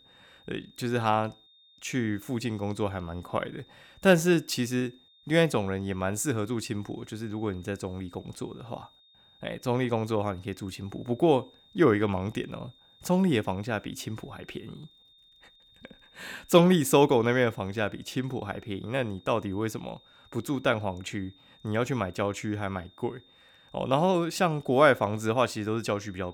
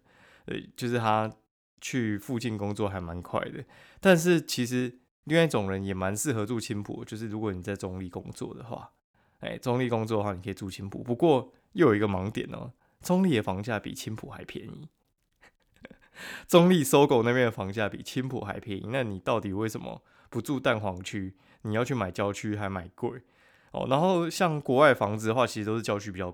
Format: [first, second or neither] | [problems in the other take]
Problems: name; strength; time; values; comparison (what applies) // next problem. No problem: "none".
second | high-pitched whine; faint; throughout; 3.5 kHz, 30 dB below the speech